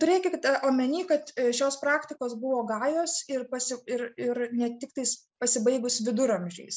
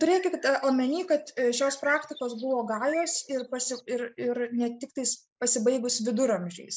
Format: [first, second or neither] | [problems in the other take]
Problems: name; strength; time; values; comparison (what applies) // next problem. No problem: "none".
first | noise reduction (neural mask model Resemble Enhance denoiser)